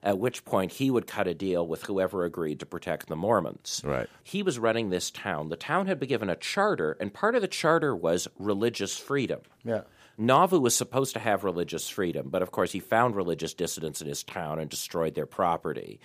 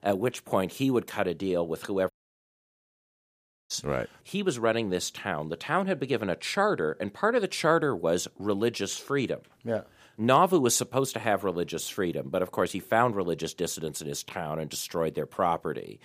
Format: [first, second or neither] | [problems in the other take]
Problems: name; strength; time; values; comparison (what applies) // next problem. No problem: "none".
first | audio cutting out; at 2 s for 1.5 s